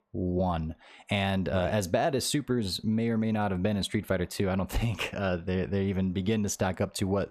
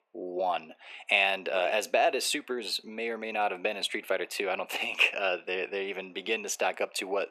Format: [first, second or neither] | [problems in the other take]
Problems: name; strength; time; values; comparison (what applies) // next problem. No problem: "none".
first | thin; very; fading below 350 Hz